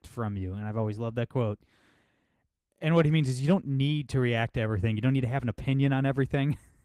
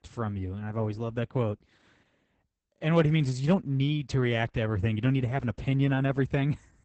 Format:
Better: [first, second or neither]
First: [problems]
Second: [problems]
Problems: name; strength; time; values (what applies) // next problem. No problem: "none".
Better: first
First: garbled, watery; slightly; nothing above 15.5 kHz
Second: garbled, watery; badly; nothing above 8 kHz